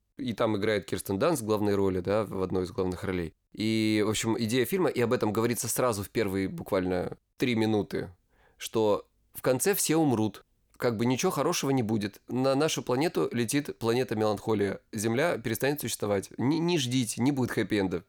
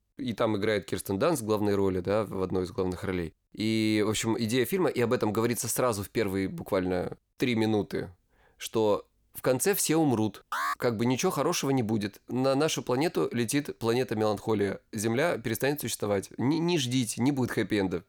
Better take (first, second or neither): first